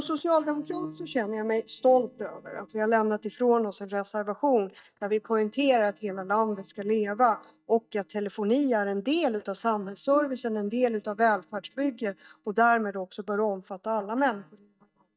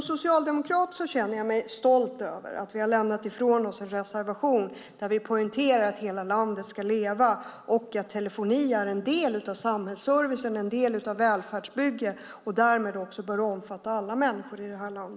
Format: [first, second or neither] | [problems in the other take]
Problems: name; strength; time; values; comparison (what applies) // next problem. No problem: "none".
second | noise reduction (neural mask model DeepFilterNet 3)